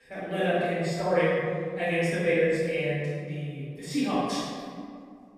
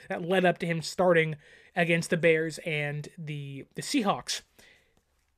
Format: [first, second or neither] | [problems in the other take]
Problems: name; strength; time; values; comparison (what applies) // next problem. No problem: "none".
second | room echo; strong; dies away in 2 s // off-mic speech; far